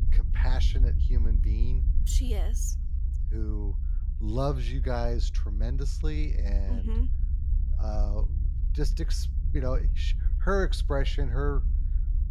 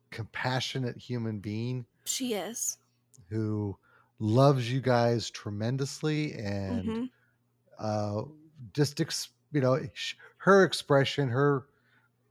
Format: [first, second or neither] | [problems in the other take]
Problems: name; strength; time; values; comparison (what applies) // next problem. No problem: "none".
second | low rumble; noticeable; throughout; 15 dB below the speech